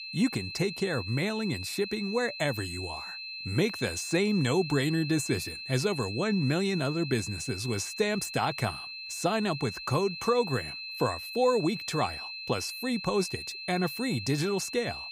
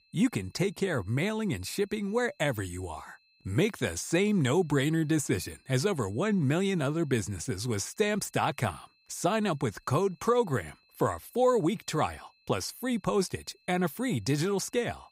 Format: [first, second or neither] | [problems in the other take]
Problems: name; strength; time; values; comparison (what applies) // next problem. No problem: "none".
second | high-pitched whine; loud; throughout; 2.5 kHz, 7 dB below the speech; faint in the second